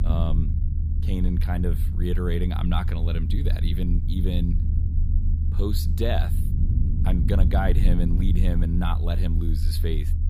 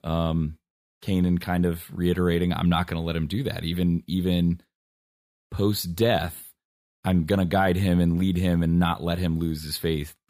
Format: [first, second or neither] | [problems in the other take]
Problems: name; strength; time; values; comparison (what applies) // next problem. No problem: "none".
second | low rumble; loud; throughout; 7 dB below the speech